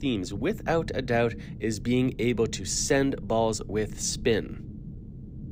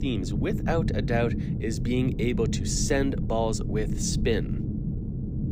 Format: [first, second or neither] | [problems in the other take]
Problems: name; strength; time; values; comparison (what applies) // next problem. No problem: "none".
first | low rumble; loud; throughout; 9 dB below the speech; faint in the first